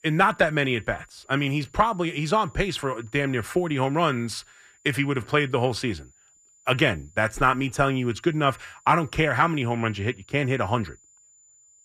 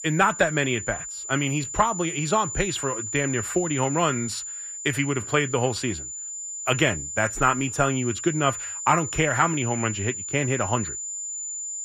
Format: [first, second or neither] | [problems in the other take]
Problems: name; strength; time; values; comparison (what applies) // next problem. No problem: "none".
first | high-pitched whine; loud; throughout; 7 kHz, 6 dB below the speech; faint in the first